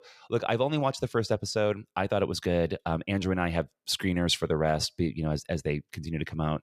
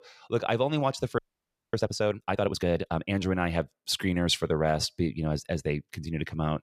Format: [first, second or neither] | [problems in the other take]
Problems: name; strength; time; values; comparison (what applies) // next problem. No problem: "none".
first | audio freezing; at 1 s for 0.5 s